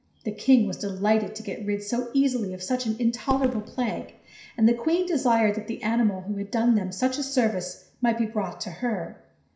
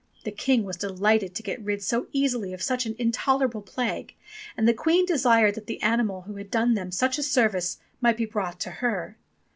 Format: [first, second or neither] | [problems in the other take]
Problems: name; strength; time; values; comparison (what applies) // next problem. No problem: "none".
second | background sound (Fireworks); 14 dB below the speech // room echo; dies away in 0.5 s